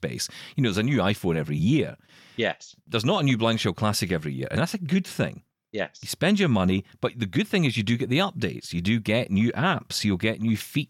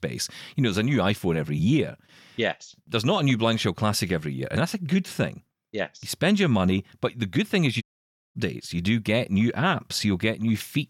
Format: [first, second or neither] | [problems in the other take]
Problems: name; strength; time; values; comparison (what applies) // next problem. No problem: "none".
first | audio cutting out; at 8 s for 0.5 s